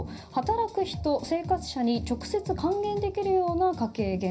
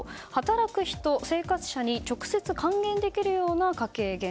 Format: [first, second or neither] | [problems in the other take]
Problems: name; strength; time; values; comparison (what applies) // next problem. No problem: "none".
second | room echo; dies away in 0.4 s